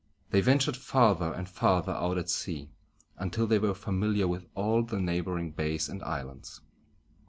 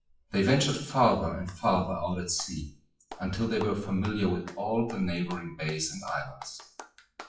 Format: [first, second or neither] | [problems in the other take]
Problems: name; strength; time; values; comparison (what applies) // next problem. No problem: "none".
first | noise reduction (classical method WPE with log-MMSE)